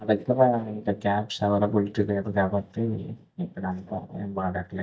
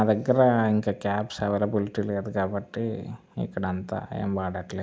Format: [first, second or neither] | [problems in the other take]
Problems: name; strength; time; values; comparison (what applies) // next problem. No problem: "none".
second | noise reduction (neural mask model DeepFilterNet 3)